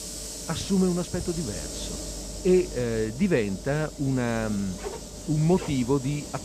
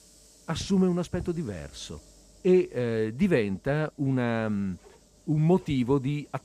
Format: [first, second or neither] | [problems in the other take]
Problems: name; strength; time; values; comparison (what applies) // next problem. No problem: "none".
second | hiss; loud; throughout; 10 dB below the speech; faint in the second